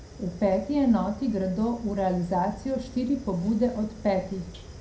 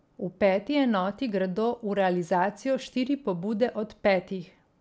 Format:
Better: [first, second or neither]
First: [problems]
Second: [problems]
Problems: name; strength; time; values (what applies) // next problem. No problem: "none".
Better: second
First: background sound (Fire); 16 dB below the speech // room echo; dies away in 0.4 s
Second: none